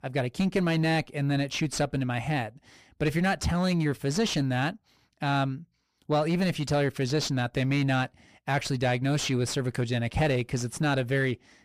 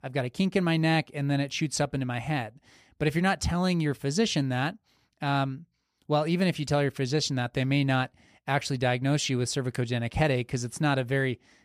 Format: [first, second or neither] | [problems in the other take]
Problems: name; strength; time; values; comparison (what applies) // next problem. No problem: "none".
second | distortion; slight; 10 dB below the speech